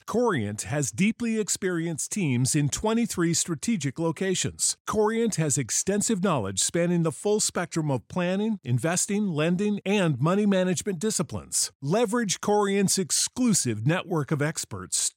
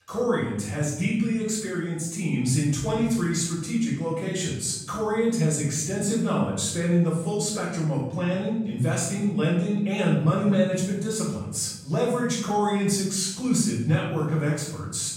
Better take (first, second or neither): first